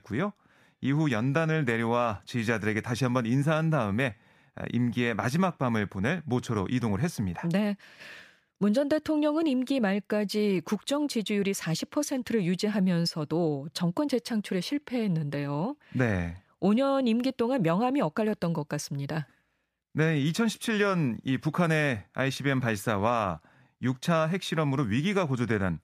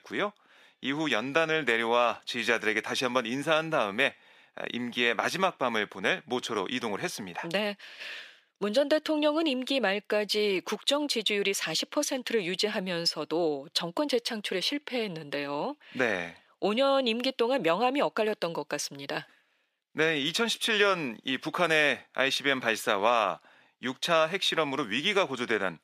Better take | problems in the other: first | thin; somewhat; fading below 400 Hz

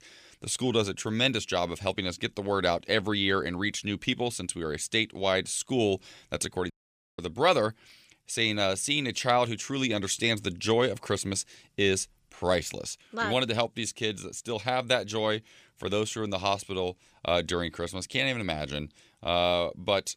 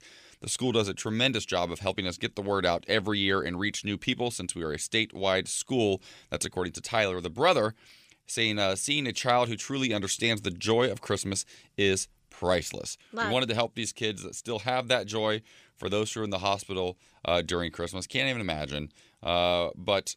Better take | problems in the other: second | audio cutting out; at 6.5 s

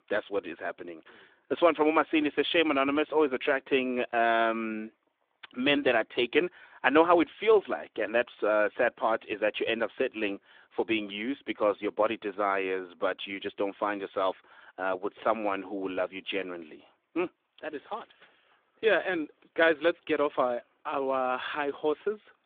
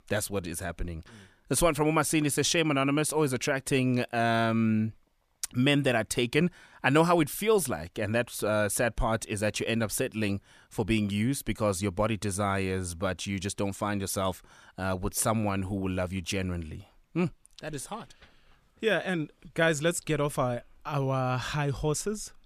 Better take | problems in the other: second | phone-call audio; nothing above 3.5 kHz

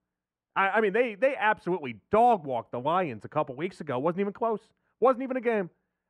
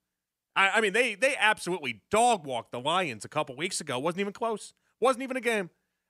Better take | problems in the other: second | muffled; very; fading above 3 kHz

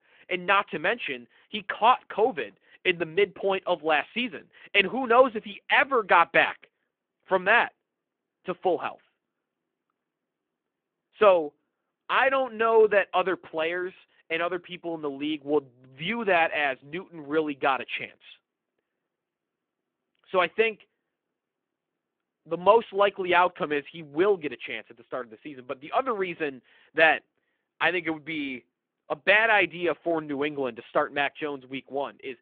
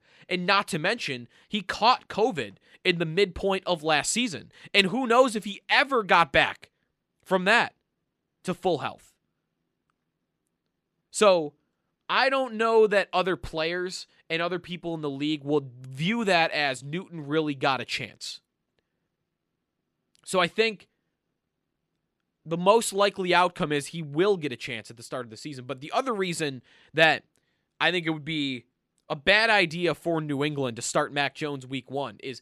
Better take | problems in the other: second | phone-call audio

